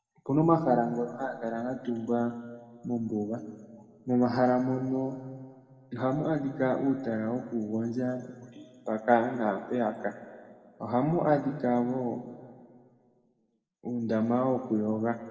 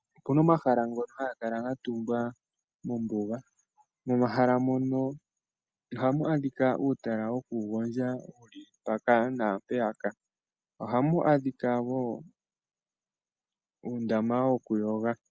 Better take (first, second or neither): second